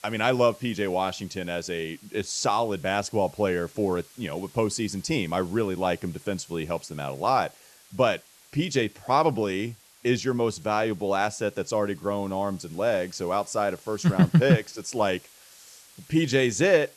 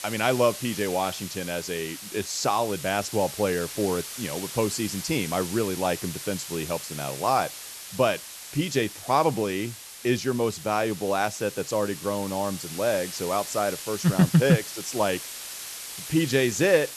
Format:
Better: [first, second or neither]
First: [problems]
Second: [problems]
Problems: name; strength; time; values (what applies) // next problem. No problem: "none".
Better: first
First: hiss; faint; throughout; 25 dB below the speech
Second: hiss; loud; throughout; 9 dB below the speech